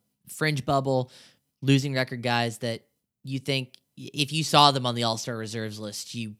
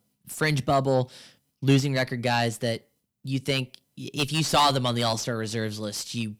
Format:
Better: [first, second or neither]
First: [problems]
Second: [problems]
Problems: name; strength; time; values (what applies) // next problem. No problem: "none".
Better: first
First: none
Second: distortion; heavy; 6 dB below the speech